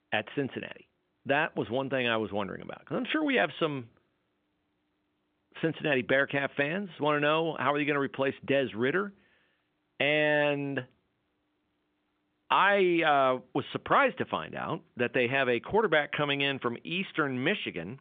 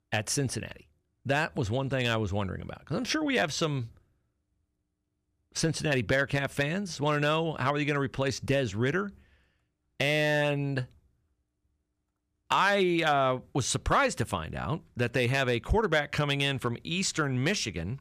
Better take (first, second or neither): second